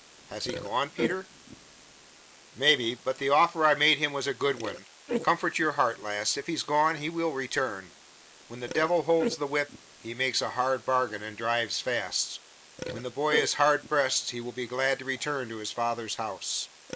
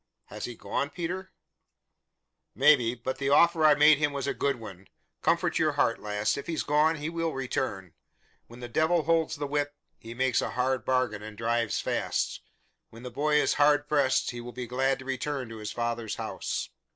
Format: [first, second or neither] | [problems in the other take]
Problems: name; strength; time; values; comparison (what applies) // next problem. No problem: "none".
second | noise reduction (neural mask model Resemble Enhance denoiser)